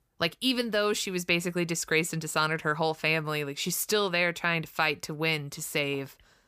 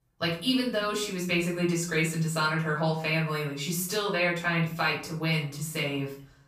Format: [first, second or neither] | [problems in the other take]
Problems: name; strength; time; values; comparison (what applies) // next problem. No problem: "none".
first | off-mic speech; far // room echo; noticeable; dies away in 0.4 s